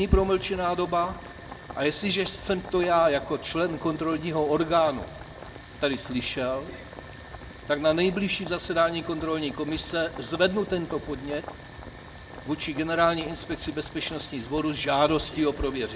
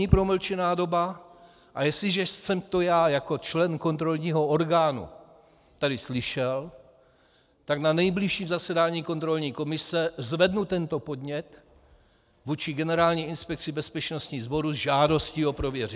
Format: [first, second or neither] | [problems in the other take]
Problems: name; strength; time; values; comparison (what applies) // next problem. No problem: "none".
second | background sound (Boiling); 15 dB below the speech // room echo; dies away in 0.4 s